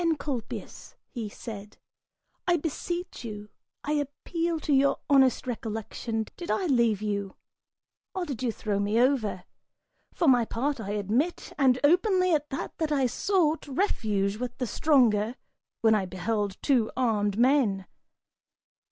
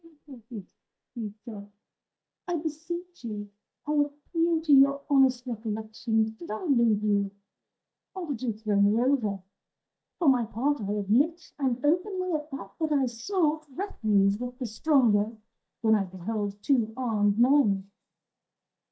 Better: first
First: none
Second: noise reduction (neural mask model DeepFilterNet 3)

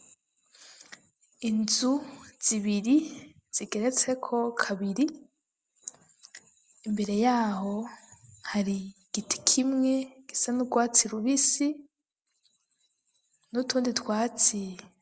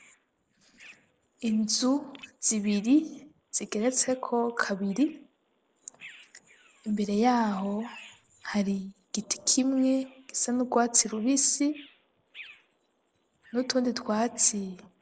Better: first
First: none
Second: noise reduction (neural separator model SepFormer DNS4)

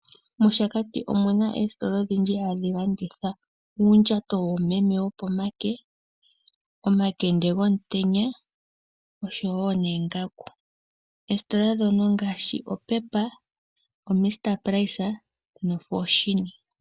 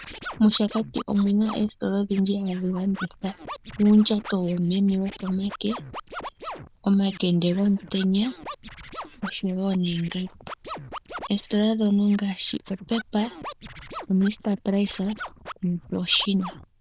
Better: first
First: none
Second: noise reduction (neural diffusion model UNIVERSE++)

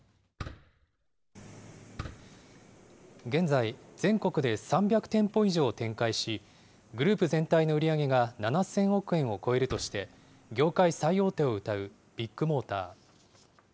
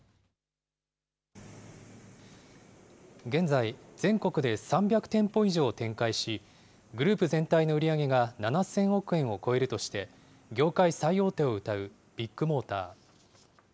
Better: second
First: background sound (Fireworks); 18 dB below the speech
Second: none

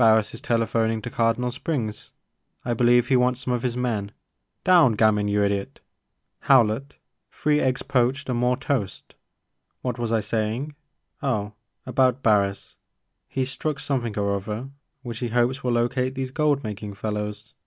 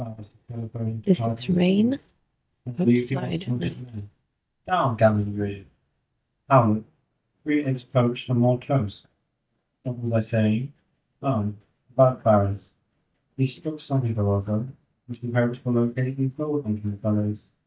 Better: first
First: none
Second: noise reduction (neural mask model DeepFilterNet 3)

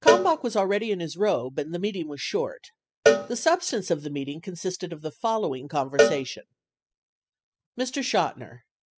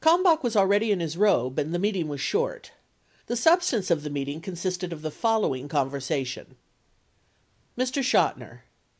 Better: second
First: noise reduction (classical method spectral subtraction)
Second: none

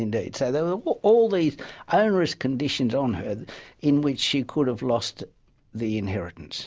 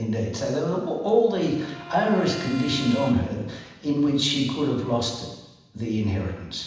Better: first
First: none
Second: background sound (Brass instrument); 18 dB below the speech // room echo; dies away in 1.1 s

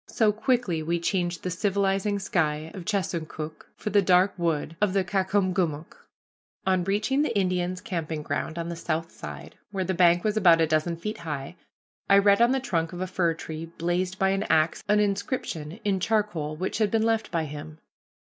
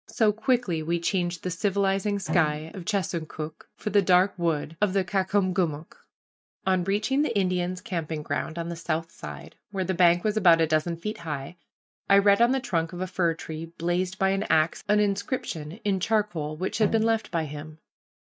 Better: first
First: none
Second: noise reduction (neural mask model RNNoise)

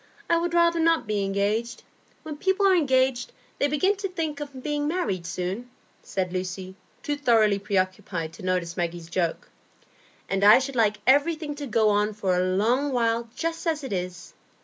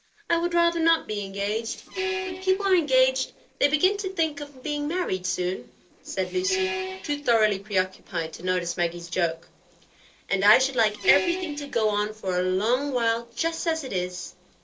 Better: first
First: none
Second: noise reduction (neural separator model SepFormer DNS4)

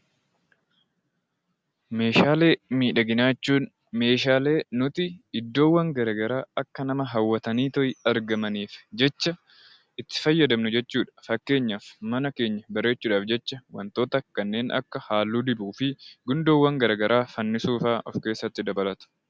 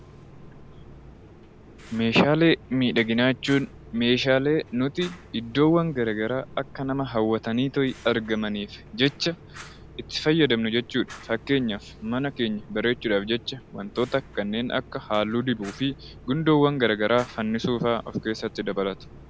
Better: first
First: none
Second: background sound (Fire); 20 dB below the speech

